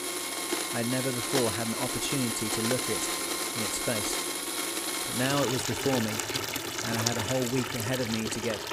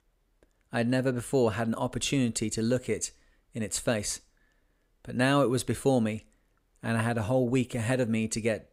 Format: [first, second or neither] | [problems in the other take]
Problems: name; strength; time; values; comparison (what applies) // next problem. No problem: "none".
second | household noises; very loud; throughout; 2 dB above the speech